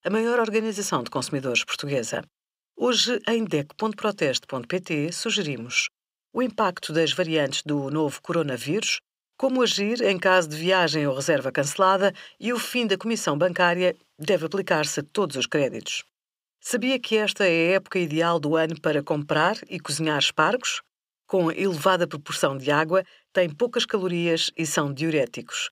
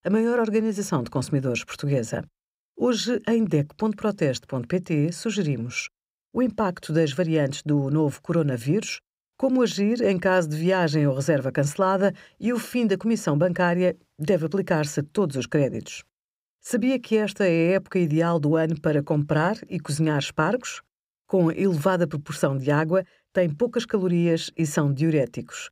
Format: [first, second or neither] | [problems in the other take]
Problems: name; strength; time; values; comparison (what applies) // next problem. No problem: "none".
second | thin; very slightly; fading below 500 Hz